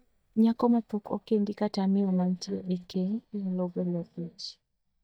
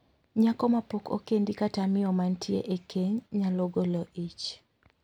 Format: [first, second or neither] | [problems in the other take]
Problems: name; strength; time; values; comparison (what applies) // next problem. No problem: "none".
second | noise reduction (neural mask model DeepFilterNet 3)